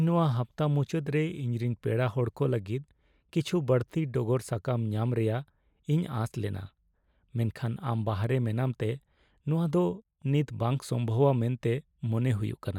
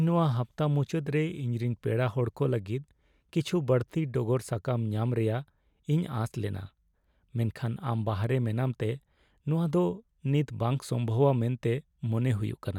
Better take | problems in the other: second | noise reduction (neural mask model Resemble Enhance denoiser)

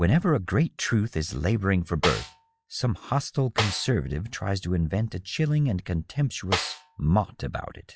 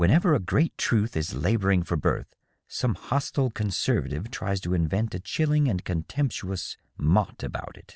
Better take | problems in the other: second | noise reduction (classical method log-MMSE)

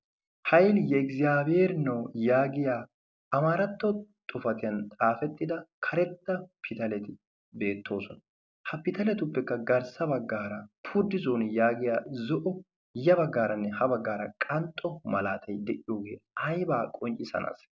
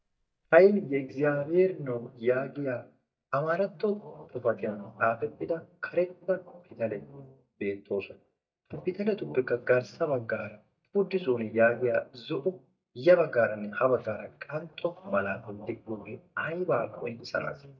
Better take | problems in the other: first | noise reduction (neural mask model DeepFilterNet 3)

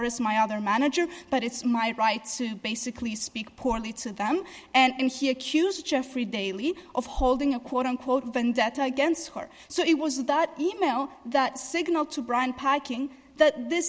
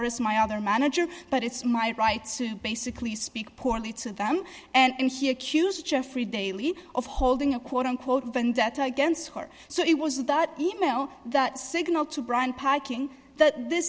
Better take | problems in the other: second | noise reduction (neural mask model Resemble Enhance denoiser)

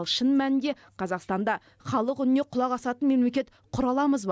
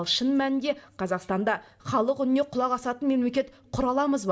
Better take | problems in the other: first | room echo; dies away in 0.3 s

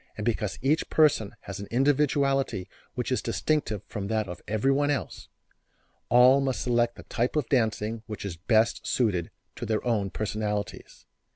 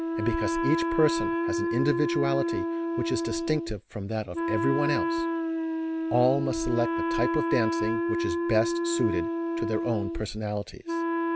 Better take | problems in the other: first | background sound (Wind instrument, woodwind instrument); 1 dB above the speech

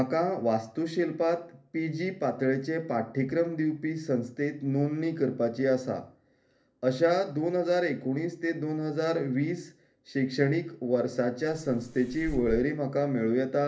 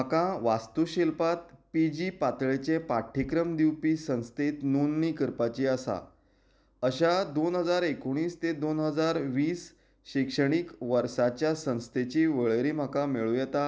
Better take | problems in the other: second | background sound (Fireworks); 10 dB below the speech // room echo; dies away in 0.3 s

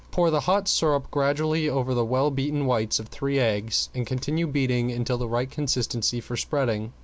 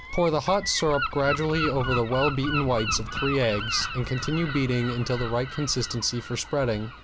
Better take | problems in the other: first | background sound (Gull, seagull); 7 dB below the speech

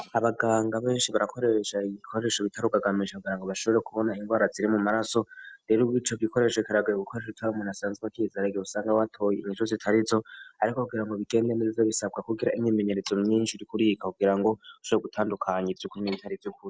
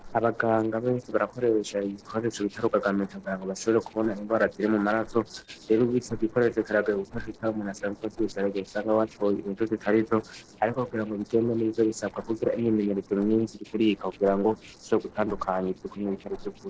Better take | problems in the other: first | noise reduction (neural separator model SepFormer DNS4)

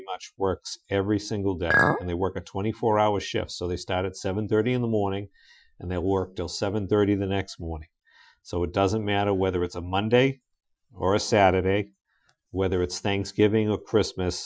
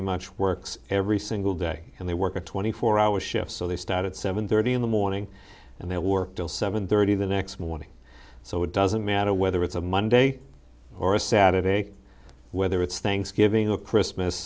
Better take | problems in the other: second | noise reduction (classical method Wiener filter)

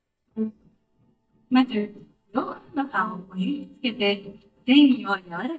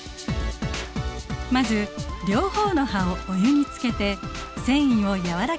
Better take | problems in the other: second | noise reduction (neural mask model DeepFilterNet 3)

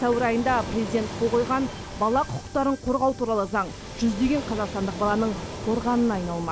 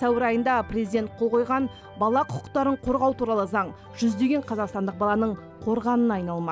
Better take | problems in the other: second | background sound (Waves, surf); 11 dB below the speech

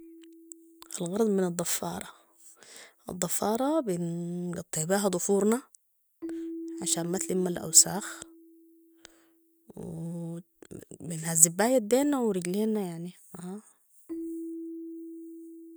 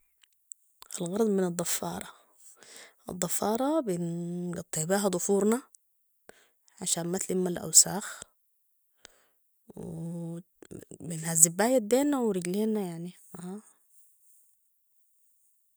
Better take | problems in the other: second | background sound (Keyboard (musical)); 15 dB below the speech

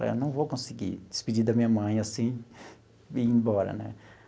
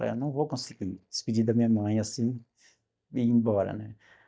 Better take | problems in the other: first | noise reduction (neural mask model DeepFilterNet 3)

